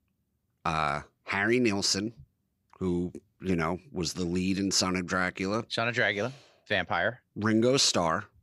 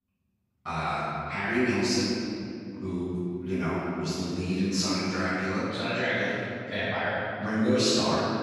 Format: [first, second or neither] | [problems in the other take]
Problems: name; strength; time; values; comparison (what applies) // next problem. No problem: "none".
first | off-mic speech; far // room echo; strong; dies away in 2.4 s